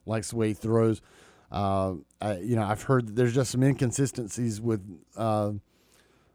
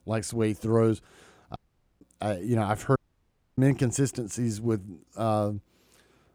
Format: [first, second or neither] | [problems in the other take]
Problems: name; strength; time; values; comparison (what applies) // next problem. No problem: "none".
first | audio cutting out; at 1.5 s and at 3 s for 0.5 s